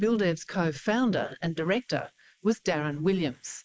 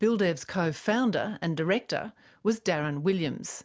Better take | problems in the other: second | noise reduction (neural mask model Resemble Enhance denoiser)

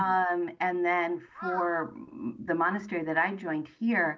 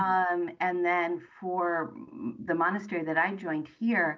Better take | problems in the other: second | background sound (Crow); 16 dB below the speech

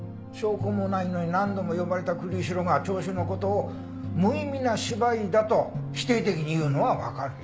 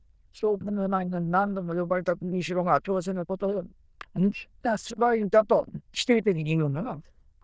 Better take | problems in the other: first | noise reduction (neural diffusion model UNIVERSE++)

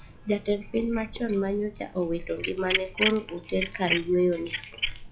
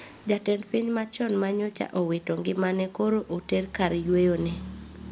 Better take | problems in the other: second | noise reduction (classical method log-MMSE)

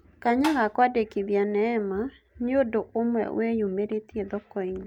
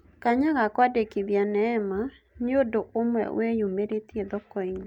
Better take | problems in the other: second | background sound (Tap); 8 dB below the speech

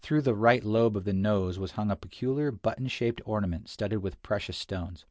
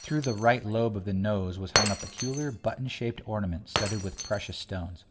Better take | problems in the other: first | background sound (Shatter); 5 dB below the speech // room echo; dies away in 0.8 s

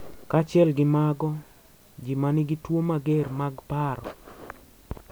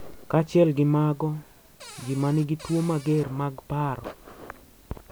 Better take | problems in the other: first | background sound (Cupboard open or close); 19 dB below the speech

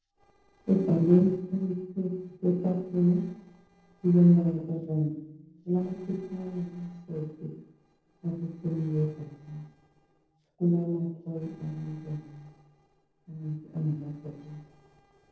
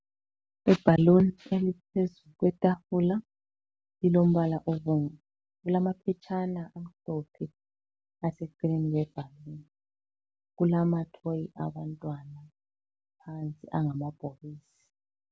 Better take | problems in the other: second | noise reduction (neural separator model SepFormer DNS4)

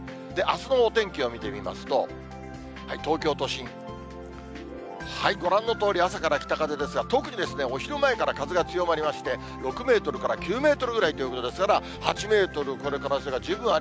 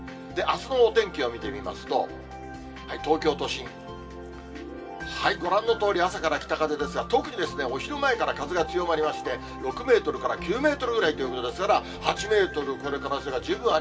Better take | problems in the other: first | room echo; dies away in 1.4 s

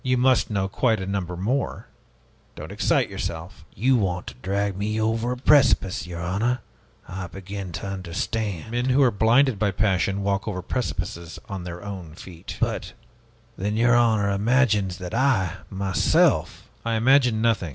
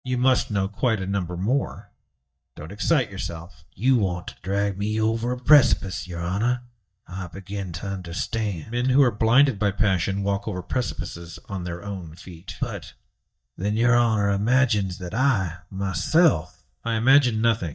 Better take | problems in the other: first | noise reduction (neural mask model DeepFilterNet 3)

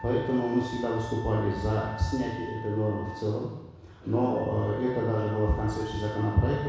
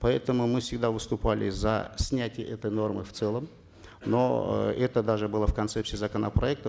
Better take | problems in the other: second | background sound (Wind instrument, woodwind instrument); 14 dB below the speech // room echo; dies away in 1.1 s

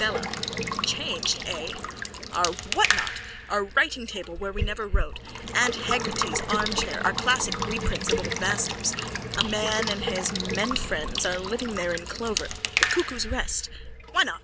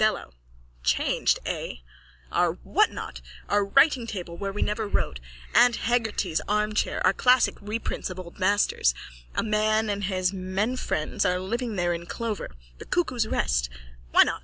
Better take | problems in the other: second | background sound (Water tap, faucet / Water / Liquid); 2 dB below the speech

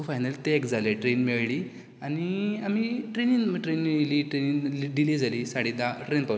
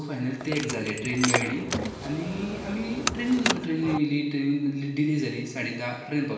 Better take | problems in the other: first | background sound (Car); 3 dB below the speech // room echo; dies away in 0.8 s

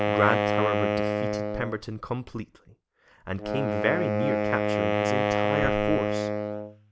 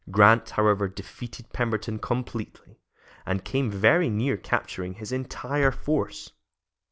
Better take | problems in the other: second | background sound (Wind instrument, woodwind instrument); 4 dB above the speech

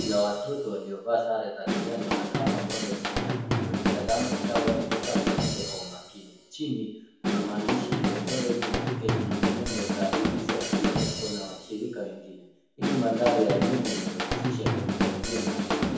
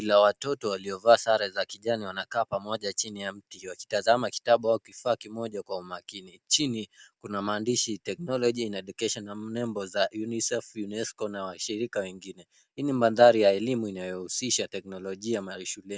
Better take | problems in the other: second | background sound (Drum / Drum kit); 2 dB above the speech // room echo; dies away in 1.9 s

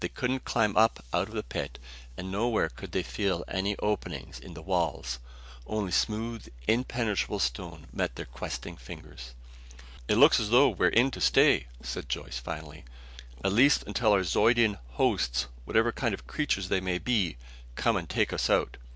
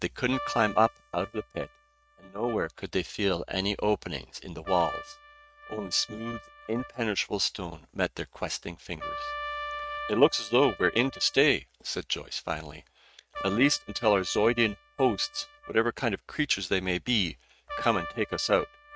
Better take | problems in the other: first | noise reduction (neural mask model RNNoise)

